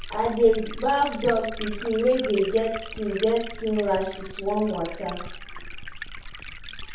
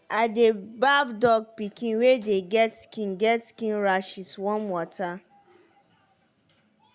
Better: second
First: background sound (Liquid); 10 dB below the speech // room echo; dies away in 0.6 s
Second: none

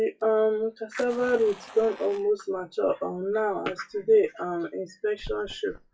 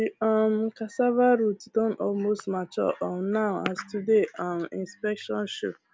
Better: second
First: noise reduction (classical method WPE with log-MMSE)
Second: none

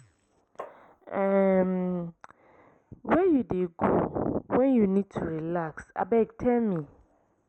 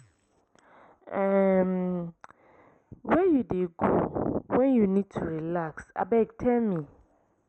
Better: second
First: background sound (Tap); 17 dB below the speech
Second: none

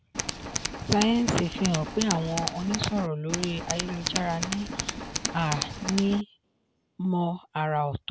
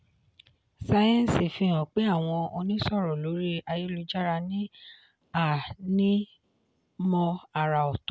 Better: second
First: background sound (Tools); 4 dB below the speech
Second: none

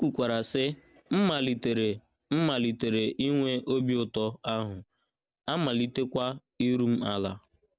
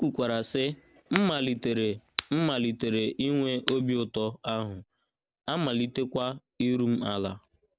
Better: first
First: none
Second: background sound (Crack); 11 dB below the speech

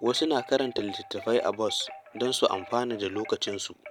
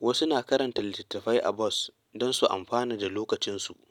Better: second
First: background sound (Wind chime); 17 dB below the speech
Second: none

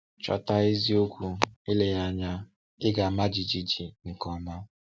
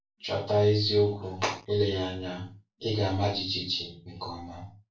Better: first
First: none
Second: room echo; dies away in 0.3 s

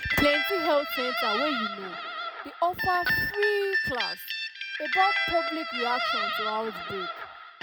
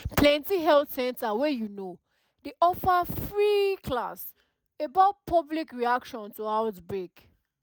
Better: second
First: background sound (Guitar); as loud as the speech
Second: none

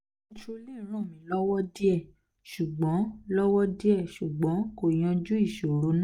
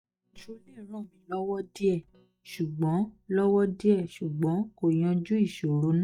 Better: first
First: none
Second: noise reduction (neural mask model DeepFilterNet 3)

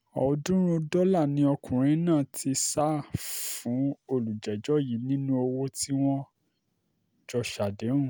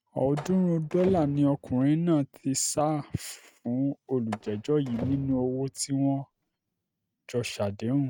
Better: first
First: none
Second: noise reduction (neural mask model RNNoise)

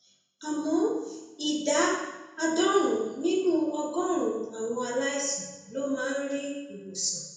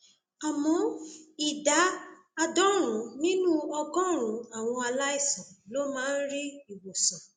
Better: second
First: room echo; dies away in 0.8 s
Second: none

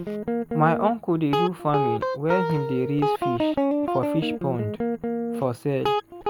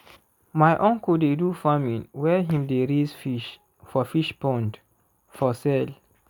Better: second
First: background sound (Guitar); as loud as the speech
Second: none

